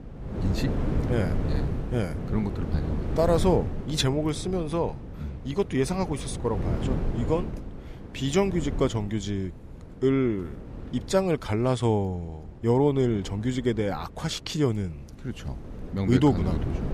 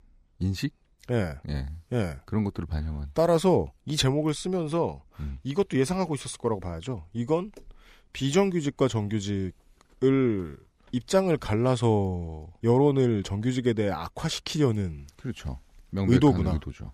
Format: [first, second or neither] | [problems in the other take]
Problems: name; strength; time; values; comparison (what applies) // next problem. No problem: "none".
second | wind noise on the microphone; occasional gusts; 10 dB below the speech